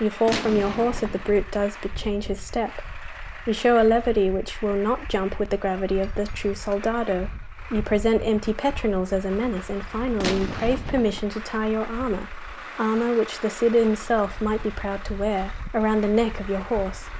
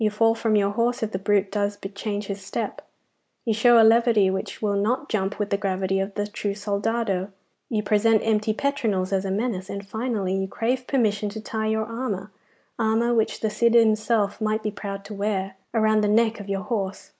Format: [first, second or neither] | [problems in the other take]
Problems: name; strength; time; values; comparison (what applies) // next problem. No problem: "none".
second | background sound (Gunshot, gunfire + Truck); 9 dB below the speech